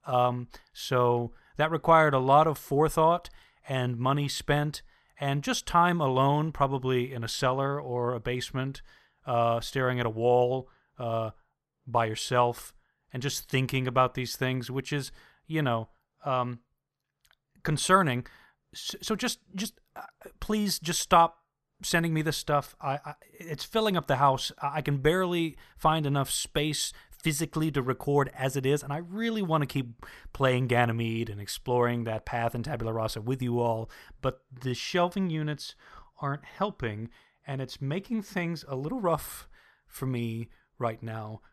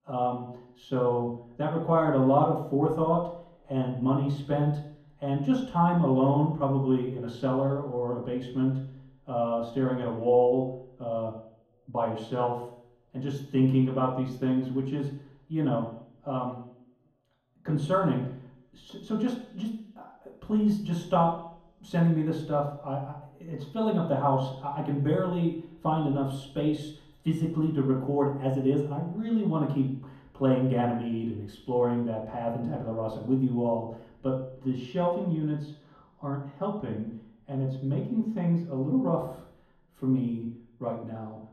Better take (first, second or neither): first